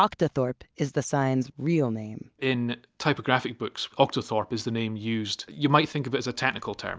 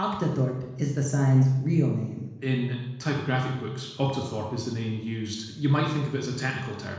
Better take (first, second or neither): first